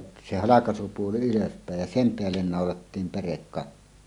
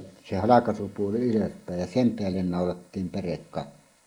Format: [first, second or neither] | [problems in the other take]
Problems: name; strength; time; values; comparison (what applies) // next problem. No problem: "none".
first | noise reduction (neural mask model Resemble Enhance denoiser)